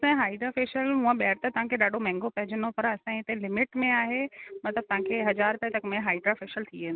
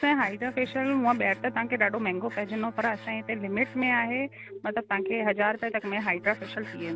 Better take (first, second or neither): first